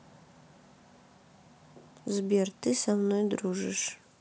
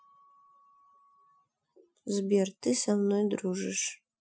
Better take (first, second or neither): first